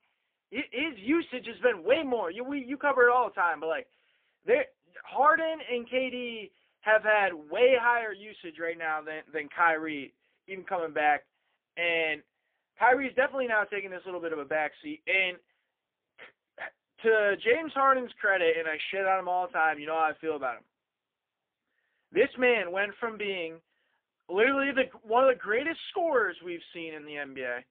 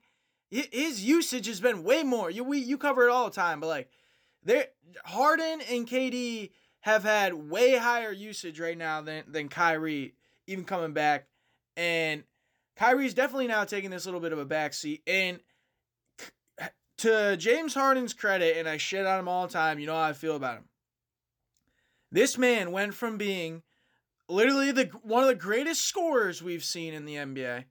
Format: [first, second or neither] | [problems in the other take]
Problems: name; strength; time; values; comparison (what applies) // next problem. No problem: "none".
second | phone-call audio; poor line